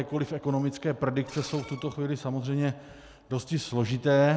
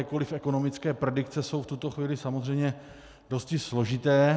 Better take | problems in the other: second | background sound (Screech); 19 dB below the speech

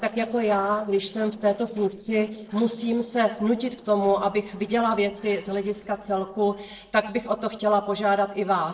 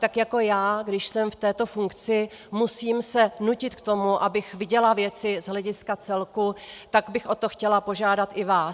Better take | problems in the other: second | noise reduction (neural separator model SepFormer DNS4)

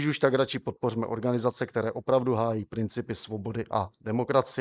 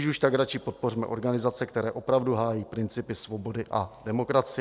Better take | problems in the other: second | noise reduction (neural mask model Resemble Enhance denoiser)

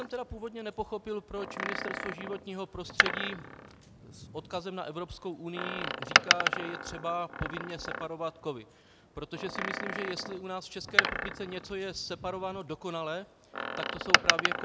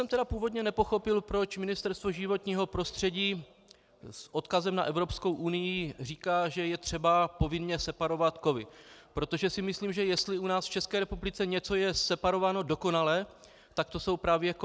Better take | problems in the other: second | background sound (Door); 5 dB above the speech

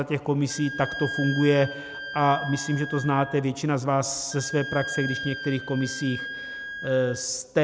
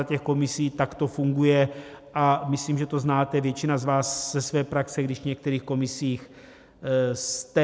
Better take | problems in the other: second | background sound (Wind instrument, woodwind instrument); 10 dB below the speech

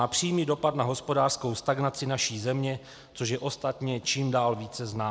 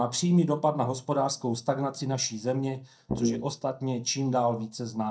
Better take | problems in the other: first | noise reduction (neural mask model DeepFilterNet 3)

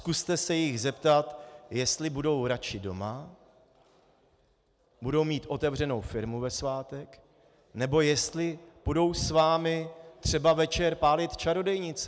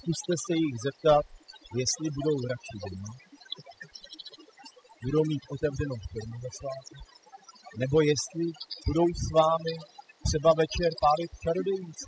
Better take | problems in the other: first | noise reduction (classical method spectral subtraction)

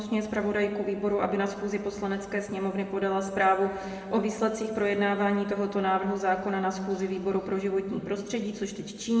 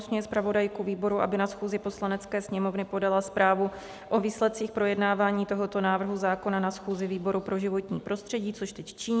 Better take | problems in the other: second | room echo; dies away in 2.2 s

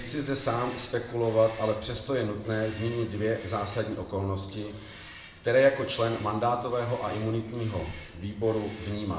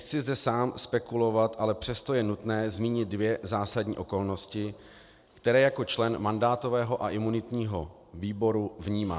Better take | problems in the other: second | background sound (Bird vocalization, bird call, bird song); 19 dB below the speech // room echo; dies away in 0.7 s

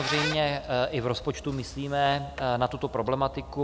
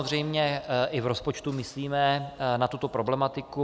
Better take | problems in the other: second | background sound (Squeak); 10 dB below the speech

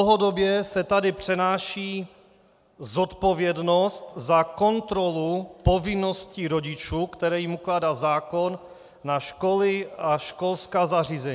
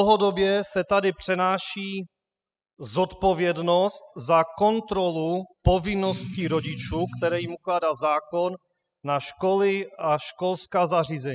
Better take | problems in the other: first | noise reduction (classical method spectral subtraction)

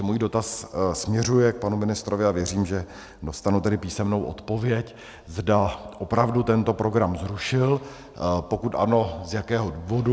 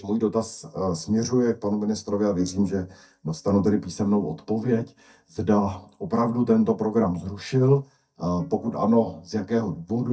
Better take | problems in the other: first | noise reduction (neural mask model DeepFilterNet 3)

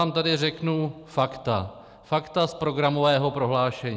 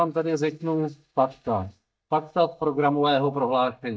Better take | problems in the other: first | noise reduction (neural mask model DeepFilterNet 3)

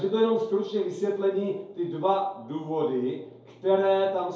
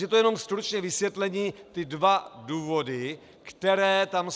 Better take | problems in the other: second | room echo; dies away in 2.3 s

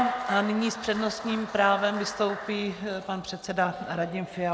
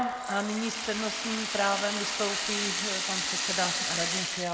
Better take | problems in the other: first | background sound (Rattle (instrument)); as loud as the speech

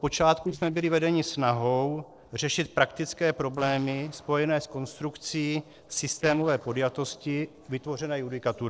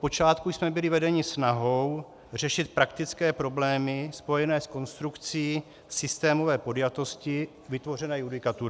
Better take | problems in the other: second | noise reduction (neural separator model SepFormer DNS4)

